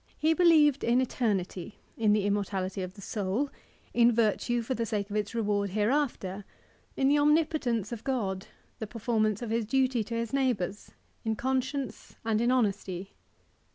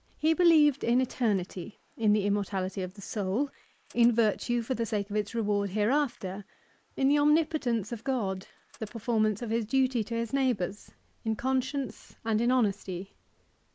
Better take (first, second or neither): first